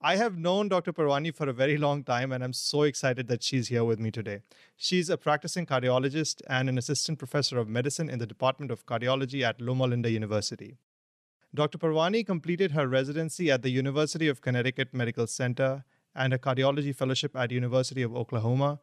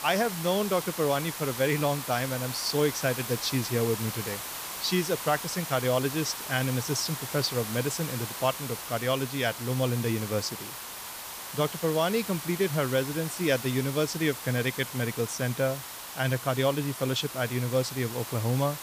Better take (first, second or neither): first